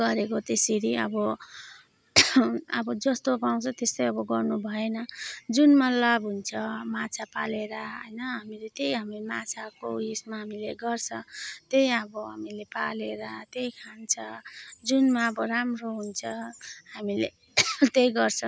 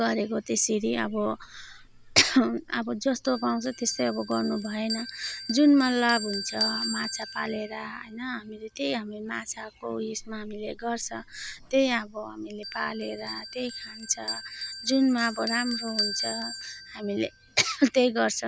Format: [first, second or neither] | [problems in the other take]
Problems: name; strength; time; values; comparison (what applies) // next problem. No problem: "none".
first | background sound (Bell); 11 dB below the speech